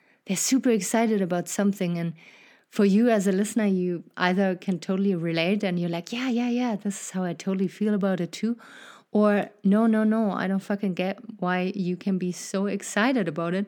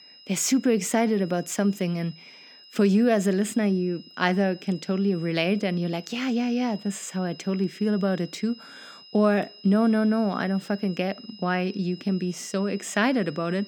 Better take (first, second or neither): first